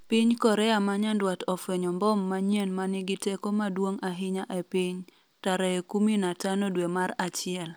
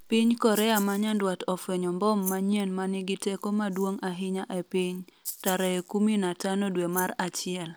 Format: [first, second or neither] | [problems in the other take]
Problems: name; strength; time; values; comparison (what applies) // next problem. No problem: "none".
first | background sound (Rattle (instrument)); 16 dB below the speech